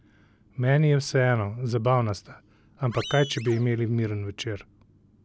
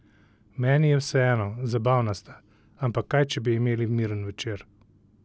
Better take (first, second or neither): second